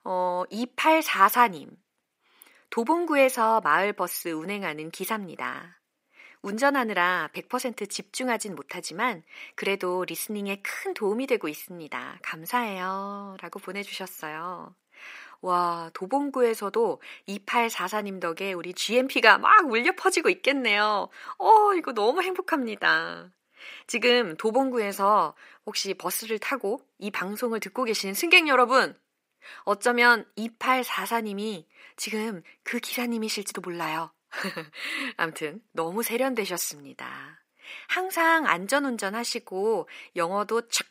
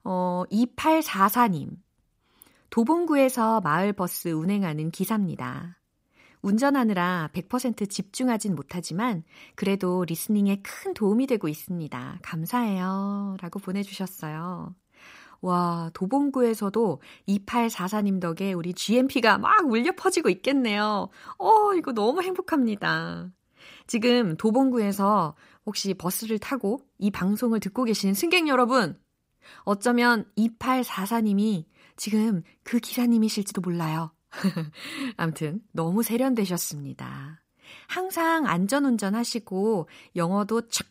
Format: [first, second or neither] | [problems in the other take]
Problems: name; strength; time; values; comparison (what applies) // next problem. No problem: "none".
second | thin; somewhat; fading below 450 Hz